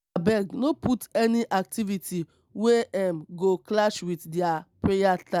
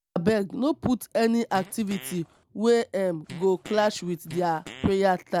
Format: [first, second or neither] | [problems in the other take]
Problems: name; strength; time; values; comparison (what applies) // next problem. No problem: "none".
first | background sound (Fart); 19 dB below the speech